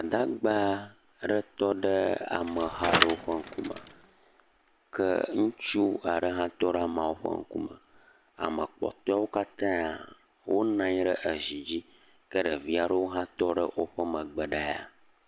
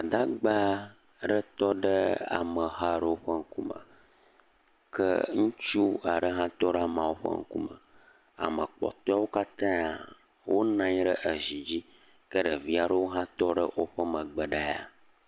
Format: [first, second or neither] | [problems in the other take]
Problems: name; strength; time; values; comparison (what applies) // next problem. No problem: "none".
second | background sound (Bicycle); 3 dB below the speech